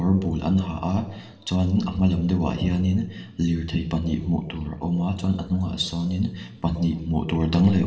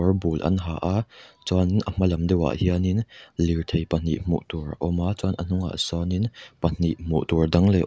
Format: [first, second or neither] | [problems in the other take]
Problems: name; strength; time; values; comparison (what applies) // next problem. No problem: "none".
second | room echo; dies away in 0.9 s